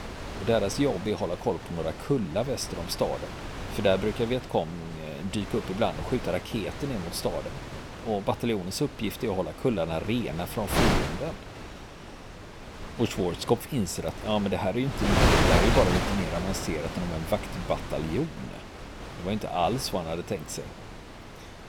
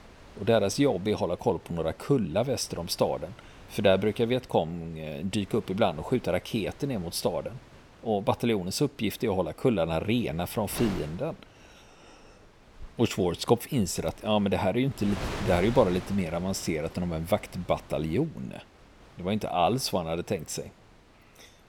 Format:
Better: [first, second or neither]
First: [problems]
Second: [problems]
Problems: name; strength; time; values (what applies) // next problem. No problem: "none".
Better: second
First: wind noise on the microphone; heavy; 3 dB below the speech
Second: wind noise on the microphone; occasional gusts; 15 dB below the speech